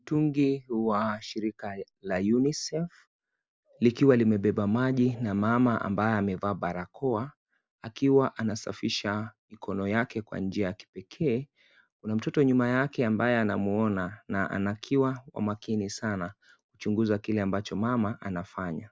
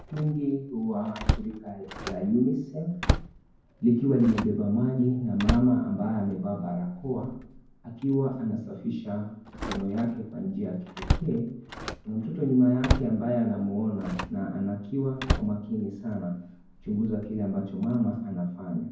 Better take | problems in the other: first | background sound (Slam); 7 dB below the speech // room echo; dies away in 0.9 s

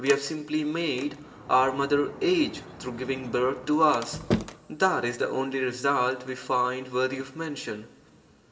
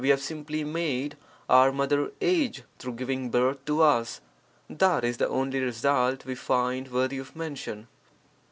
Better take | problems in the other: second | background sound (Sliding door); 12 dB below the speech // room echo; dies away in 2.9 s

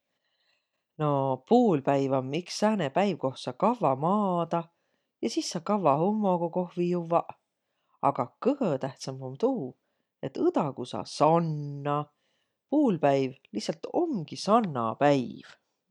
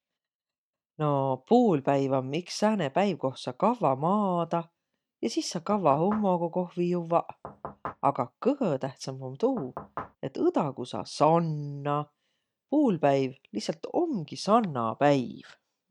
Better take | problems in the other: first | noise reduction (neural mask model RNNoise)

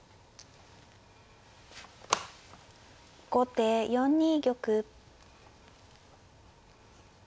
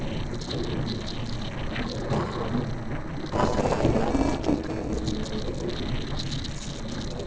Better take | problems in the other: first | noise reduction (neural separator model SepFormer DNS4)

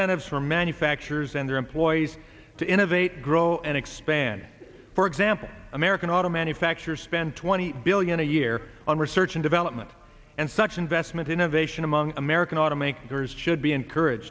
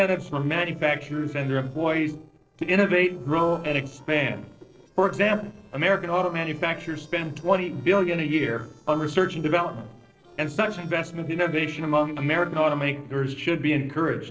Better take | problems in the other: first | noise reduction (neural separator model SepFormer DNS4)

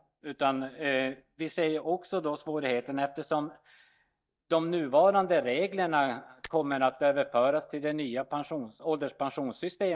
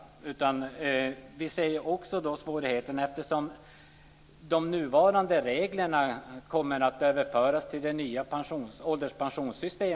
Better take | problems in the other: second | noise reduction (neural mask model DeepFilterNet 3)

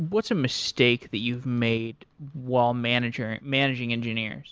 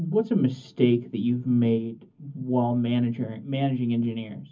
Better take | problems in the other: first | room echo; dies away in 0.3 s

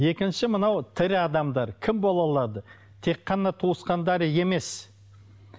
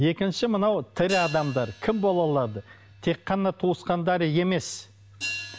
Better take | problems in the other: first | background sound (Hi-hat); 15 dB below the speech

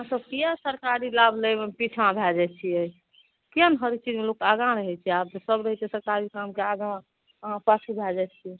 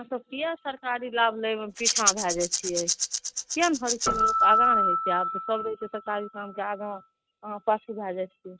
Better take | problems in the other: first | noise reduction (neural mask model RNNoise)

